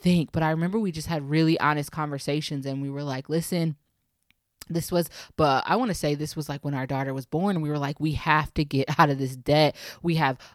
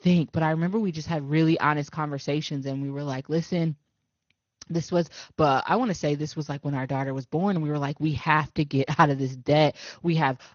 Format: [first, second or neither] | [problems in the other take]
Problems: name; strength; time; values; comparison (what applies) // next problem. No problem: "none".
first | garbled, watery; slightly; nothing above 6.5 kHz